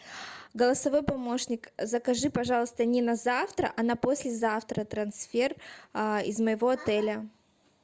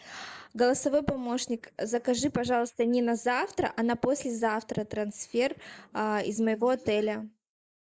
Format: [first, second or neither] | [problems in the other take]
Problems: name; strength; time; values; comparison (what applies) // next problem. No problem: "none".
first | noise reduction (neural mask model Resemble Enhance denoiser)